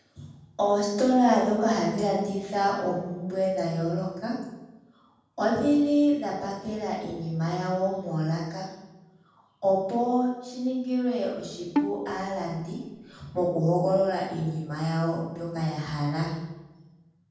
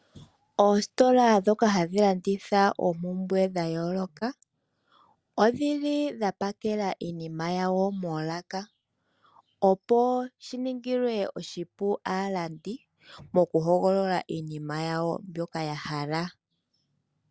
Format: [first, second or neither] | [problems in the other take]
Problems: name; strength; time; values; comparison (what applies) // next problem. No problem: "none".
second | background sound (Bowed string instrument); 7 dB below the speech // room echo; dies away in 1.2 s